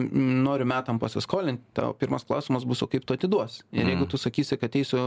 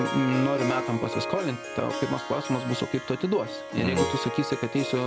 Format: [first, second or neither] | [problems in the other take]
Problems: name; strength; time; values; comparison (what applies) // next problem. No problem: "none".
first | background sound (Harp); 5 dB below the speech